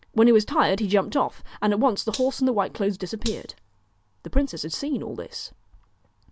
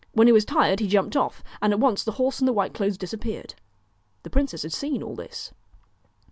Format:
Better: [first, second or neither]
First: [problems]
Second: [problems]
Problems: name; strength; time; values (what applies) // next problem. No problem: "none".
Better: second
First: background sound (Gunshot, gunfire); 18 dB below the speech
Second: none